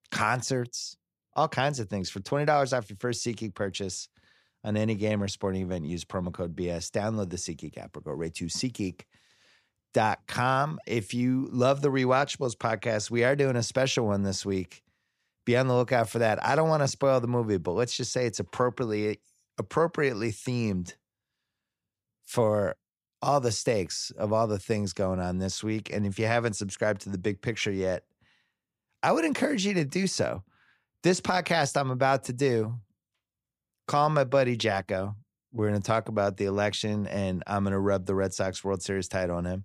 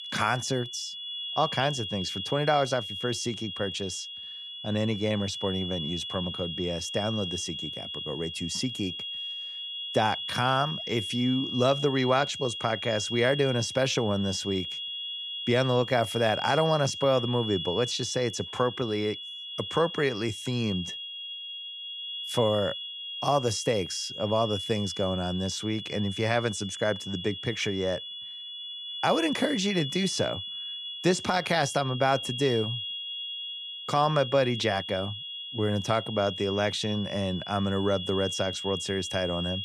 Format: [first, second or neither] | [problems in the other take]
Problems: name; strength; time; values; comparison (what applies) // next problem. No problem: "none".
first | high-pitched whine; loud; throughout; 3.5 kHz, 6 dB below the speech